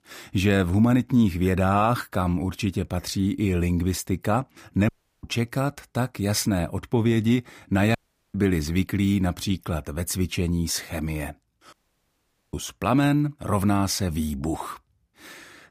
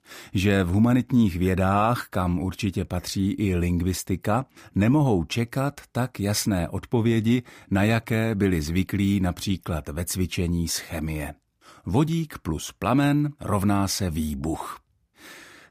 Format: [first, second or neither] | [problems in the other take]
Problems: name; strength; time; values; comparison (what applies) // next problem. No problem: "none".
second | audio cutting out; at 5 s, at 8 s and at 12 s for 1 s